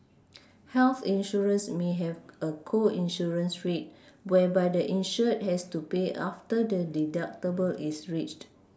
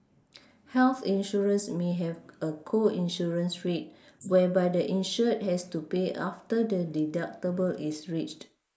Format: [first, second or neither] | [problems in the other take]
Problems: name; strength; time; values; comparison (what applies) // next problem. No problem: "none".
first | noise reduction (neural mask model Resemble Enhance denoiser)